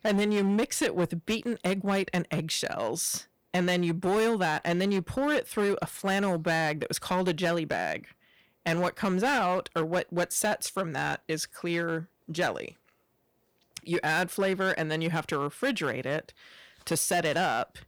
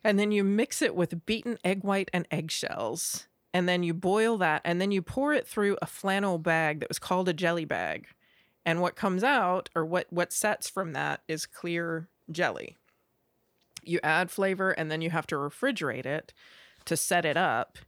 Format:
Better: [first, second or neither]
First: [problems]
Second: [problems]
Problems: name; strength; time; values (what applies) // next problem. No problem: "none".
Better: second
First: distortion; slight; 9% of the sound clipped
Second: none